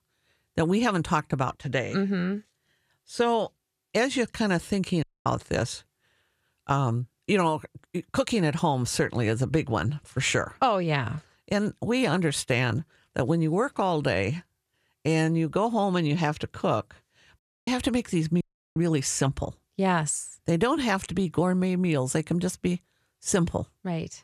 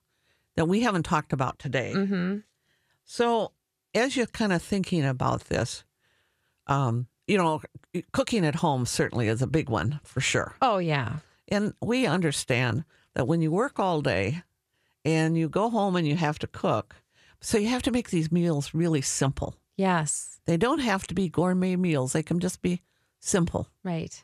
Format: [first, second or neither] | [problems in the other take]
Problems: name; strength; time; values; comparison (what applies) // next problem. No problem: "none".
second | audio cutting out; at 5 s, at 17 s and at 18 s